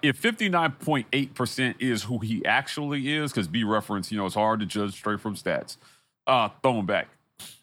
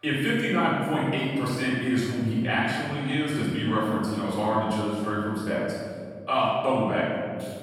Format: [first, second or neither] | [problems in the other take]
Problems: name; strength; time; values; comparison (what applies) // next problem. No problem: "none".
first | room echo; strong; dies away in 2.3 s // off-mic speech; far